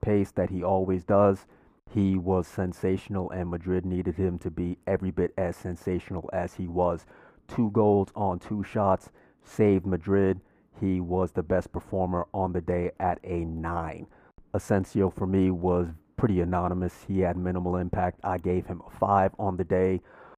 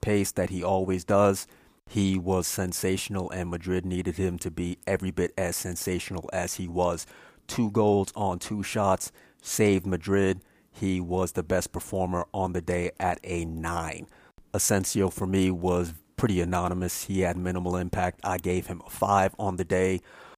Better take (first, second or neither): second